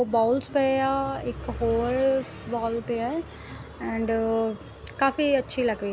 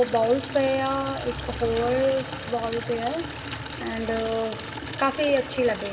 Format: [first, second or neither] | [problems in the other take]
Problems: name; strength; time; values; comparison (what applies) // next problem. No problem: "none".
first | background sound (Water tap, faucet / Liquid); 11 dB below the speech // room echo; dies away in 1 s